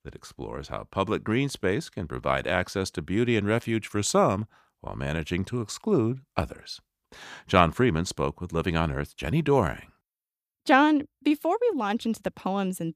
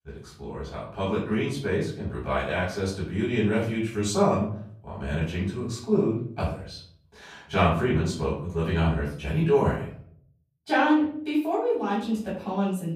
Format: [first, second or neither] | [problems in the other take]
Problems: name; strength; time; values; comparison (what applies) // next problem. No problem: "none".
first | off-mic speech; far // room echo; noticeable; dies away in 0.5 s